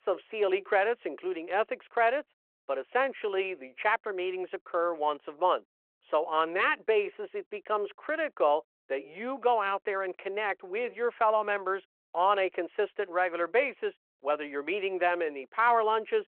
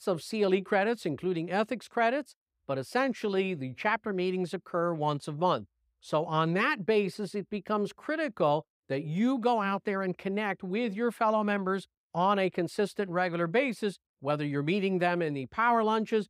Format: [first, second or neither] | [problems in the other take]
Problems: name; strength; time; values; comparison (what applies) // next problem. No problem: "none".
second | phone-call audio